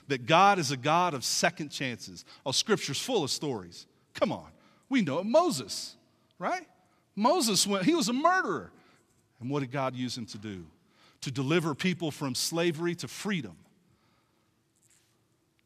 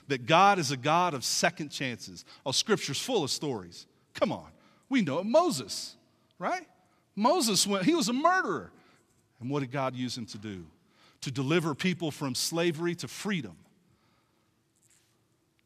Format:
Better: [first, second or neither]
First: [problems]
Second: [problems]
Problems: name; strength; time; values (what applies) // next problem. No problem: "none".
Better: neither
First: none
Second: none